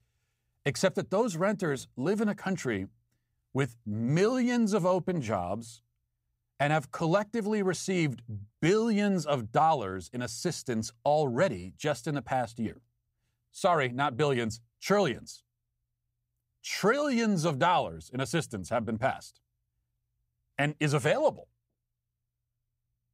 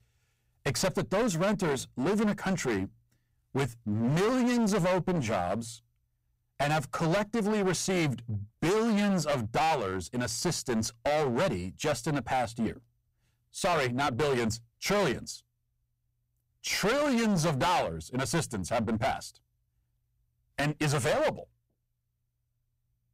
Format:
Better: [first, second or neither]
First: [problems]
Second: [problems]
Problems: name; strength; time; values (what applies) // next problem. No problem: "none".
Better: first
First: none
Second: distortion; heavy; 18% of the sound clipped